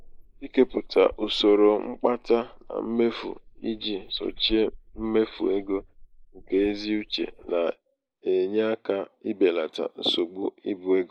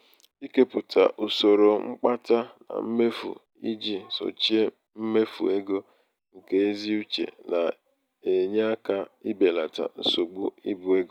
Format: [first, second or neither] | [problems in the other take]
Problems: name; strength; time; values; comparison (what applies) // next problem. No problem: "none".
second | noise reduction (neural mask model Resemble Enhance denoiser)